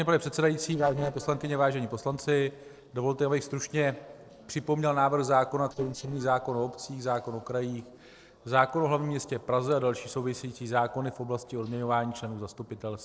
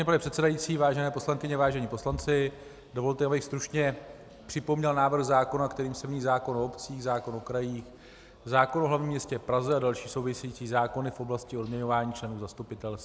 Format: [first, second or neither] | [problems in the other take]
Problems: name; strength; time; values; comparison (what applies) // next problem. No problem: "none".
second | noise reduction (neural separator model SepFormer DNS4)